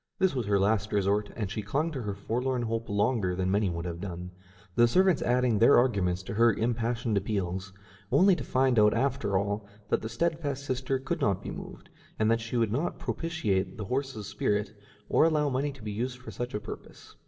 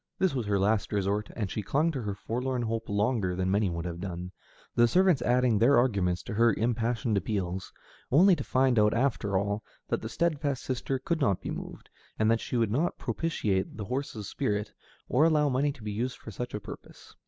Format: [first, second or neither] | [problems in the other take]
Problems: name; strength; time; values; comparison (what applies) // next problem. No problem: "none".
second | room echo; dies away in 0.5 s